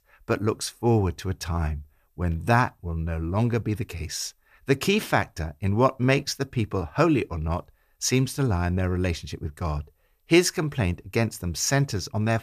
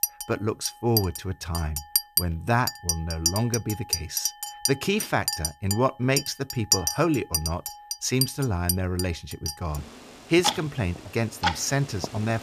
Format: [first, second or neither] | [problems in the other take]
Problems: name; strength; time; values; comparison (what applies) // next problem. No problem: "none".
first | household noises; loud; throughout; 1 dB below the speech